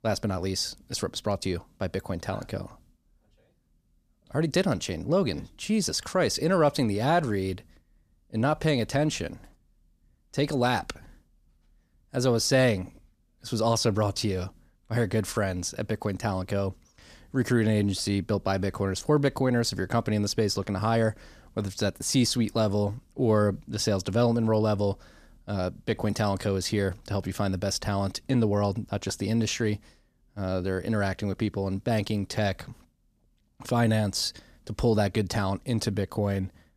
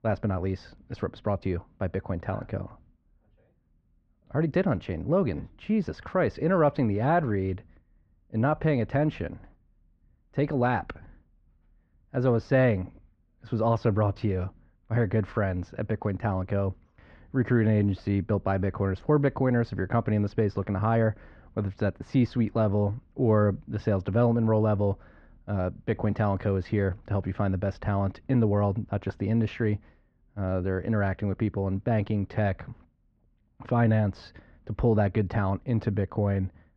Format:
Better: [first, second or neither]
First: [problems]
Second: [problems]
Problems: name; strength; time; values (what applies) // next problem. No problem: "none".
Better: first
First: none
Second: muffled; very; fading above 2 kHz